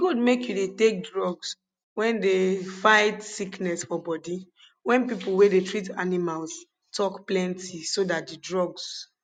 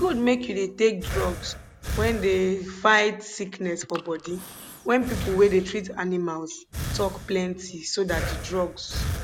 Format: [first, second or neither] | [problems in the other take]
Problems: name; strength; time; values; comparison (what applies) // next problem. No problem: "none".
first | background sound (Breathing); 9 dB below the speech